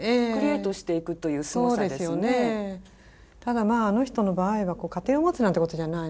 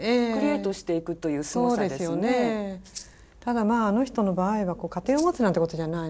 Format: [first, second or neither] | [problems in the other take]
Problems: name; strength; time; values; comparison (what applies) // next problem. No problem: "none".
first | background sound (Rattle (instrument)); 18 dB below the speech